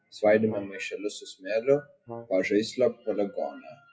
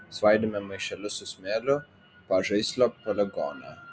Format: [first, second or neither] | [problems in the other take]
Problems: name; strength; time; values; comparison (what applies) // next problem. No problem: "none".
second | noise reduction (classical method WPE with log-MMSE)